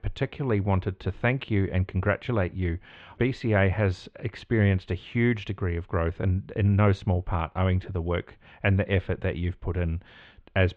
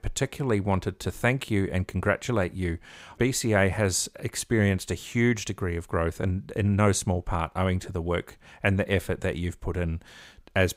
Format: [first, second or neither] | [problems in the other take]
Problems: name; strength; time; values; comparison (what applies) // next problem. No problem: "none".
second | muffled; very; fading above 3 kHz